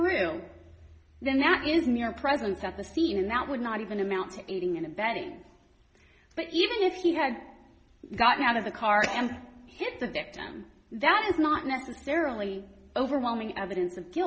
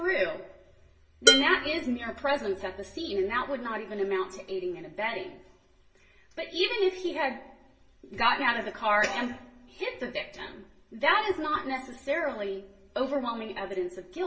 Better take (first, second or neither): first